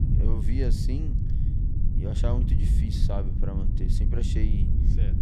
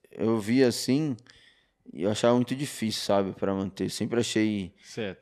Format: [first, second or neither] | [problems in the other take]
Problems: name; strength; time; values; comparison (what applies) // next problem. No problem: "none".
second | low rumble; loud; throughout; 2 dB below the speech